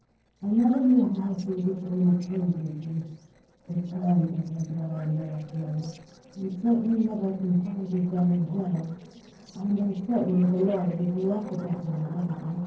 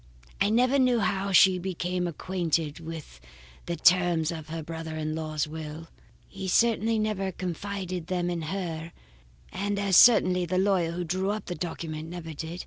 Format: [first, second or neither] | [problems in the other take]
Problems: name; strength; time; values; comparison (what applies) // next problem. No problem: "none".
second | noise reduction (neural separator model SepFormer DNS4)